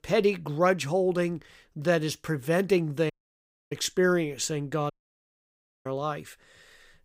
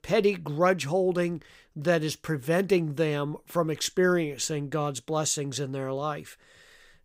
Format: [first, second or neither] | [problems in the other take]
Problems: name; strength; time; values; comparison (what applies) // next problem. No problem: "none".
second | audio cutting out; at 3 s for 0.5 s and at 5 s for 1 s